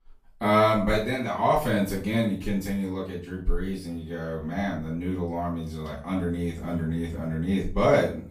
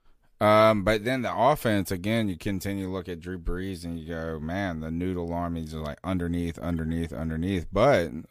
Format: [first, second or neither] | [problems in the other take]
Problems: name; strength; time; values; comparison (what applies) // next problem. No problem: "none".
second | off-mic speech; far // room echo; slight; dies away in 0.3 s